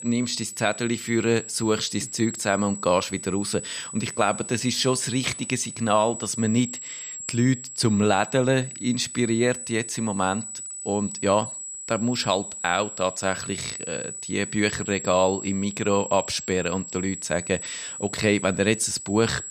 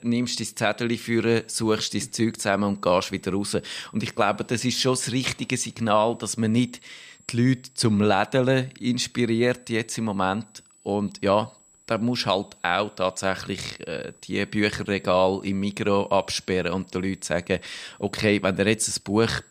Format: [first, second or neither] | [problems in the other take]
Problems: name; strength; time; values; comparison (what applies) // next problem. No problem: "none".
second | high-pitched whine; loud; throughout; 8 kHz, 9 dB below the speech; faint in the second